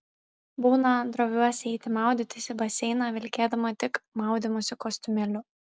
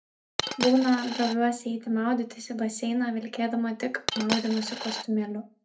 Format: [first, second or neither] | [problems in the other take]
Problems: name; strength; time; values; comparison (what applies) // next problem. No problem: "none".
first | background sound (Coin (dropping)); 5 dB below the speech // room echo; dies away in 0.3 s